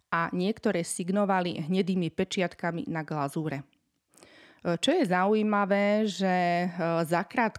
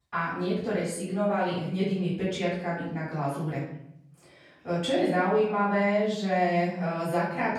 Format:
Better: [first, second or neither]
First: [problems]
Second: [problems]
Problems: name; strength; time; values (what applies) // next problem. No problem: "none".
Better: first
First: none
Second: off-mic speech; far // room echo; noticeable; dies away in 0.8 s